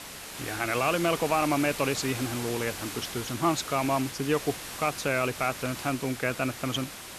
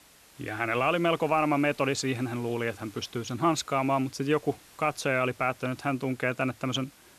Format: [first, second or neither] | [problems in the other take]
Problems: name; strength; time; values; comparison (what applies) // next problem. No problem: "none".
second | hiss; loud; throughout; 8 dB below the speech; faint in the second